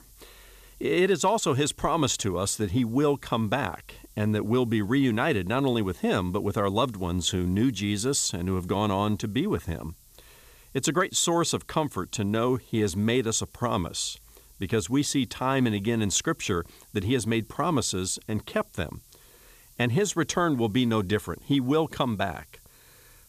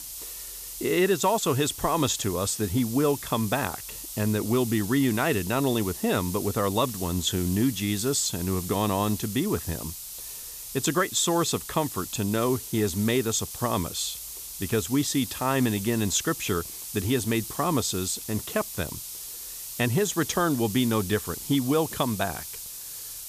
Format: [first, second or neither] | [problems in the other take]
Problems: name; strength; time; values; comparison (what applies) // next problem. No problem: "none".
first | hiss; loud; throughout; 9 dB below the speech; faint in the first